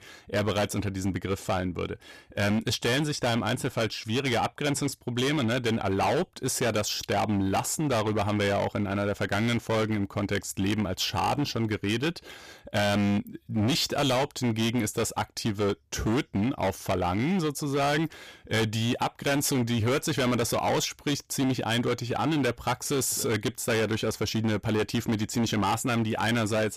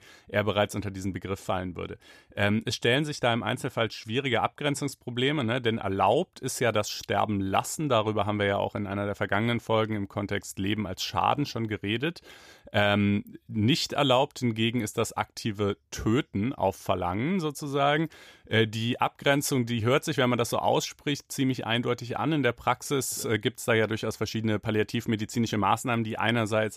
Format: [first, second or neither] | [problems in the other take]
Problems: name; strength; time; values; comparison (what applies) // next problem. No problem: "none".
second | distortion; heavy; 18% of the sound clipped